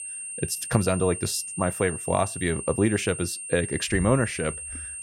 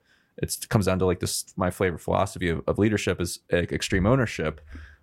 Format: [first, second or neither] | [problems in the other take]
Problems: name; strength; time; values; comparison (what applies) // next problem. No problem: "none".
second | high-pitched whine; loud; throughout; 8.5 kHz, 7 dB below the speech